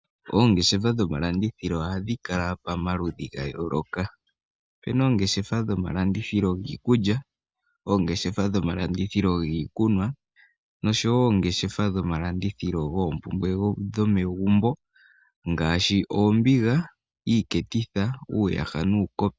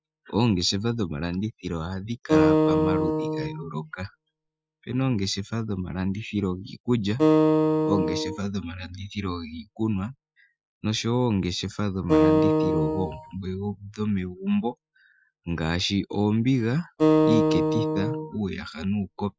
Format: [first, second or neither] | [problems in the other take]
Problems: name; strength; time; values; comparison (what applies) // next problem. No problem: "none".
first | noise reduction (classical method Wiener filter)